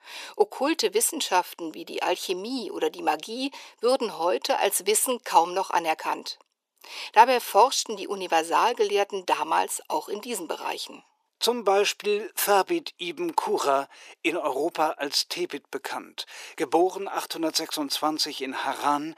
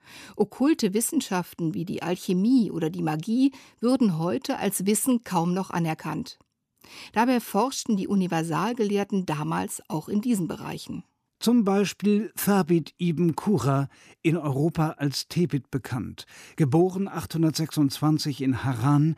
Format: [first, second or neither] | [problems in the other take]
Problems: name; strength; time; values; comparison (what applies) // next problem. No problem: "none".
second | thin; very; fading below 400 Hz